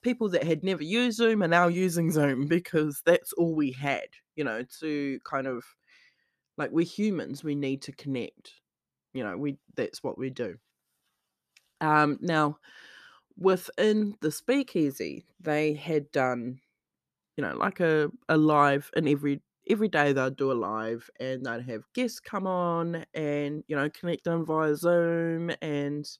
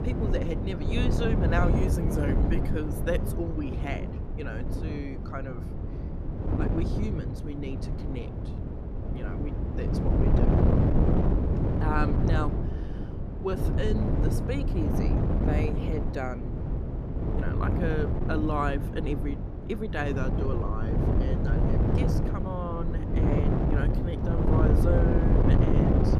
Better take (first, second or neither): first